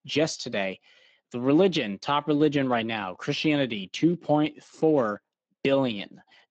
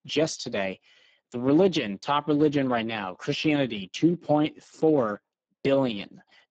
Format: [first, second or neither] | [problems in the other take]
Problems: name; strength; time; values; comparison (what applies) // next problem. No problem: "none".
first | garbled, watery; badly; slightly in the first